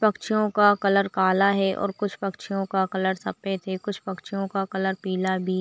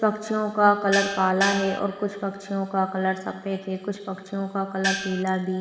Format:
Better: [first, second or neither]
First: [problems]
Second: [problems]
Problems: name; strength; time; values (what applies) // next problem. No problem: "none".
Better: first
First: none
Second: background sound (Gong); 4 dB below the speech // room echo; dies away in 2.4 s